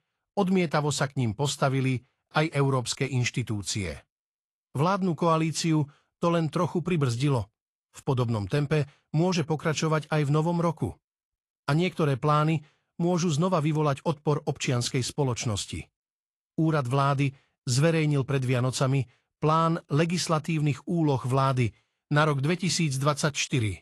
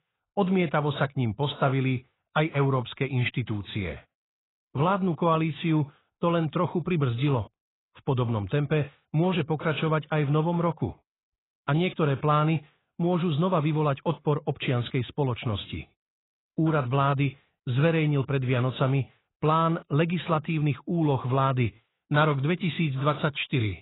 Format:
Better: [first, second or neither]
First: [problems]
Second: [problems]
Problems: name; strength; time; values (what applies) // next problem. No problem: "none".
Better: first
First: garbled, watery; slightly; nothing above 11.5 kHz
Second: garbled, watery; badly; nothing above 4 kHz